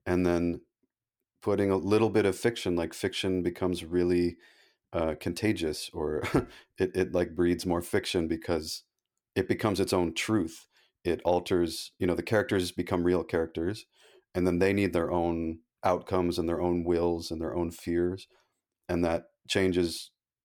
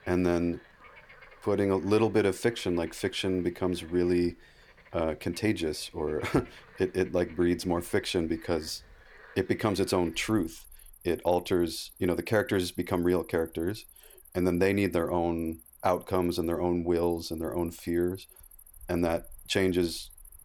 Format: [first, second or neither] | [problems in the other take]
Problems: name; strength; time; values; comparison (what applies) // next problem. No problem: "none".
first | animal sounds; faint; throughout; 25 dB below the speech